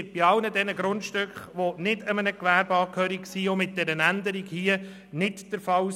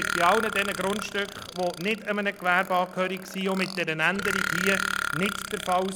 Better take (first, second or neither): first